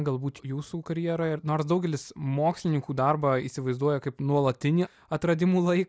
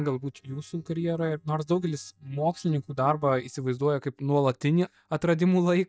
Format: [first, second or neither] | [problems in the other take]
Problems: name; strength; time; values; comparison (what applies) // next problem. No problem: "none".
first | noise reduction (neural mask model DeepFilterNet 3)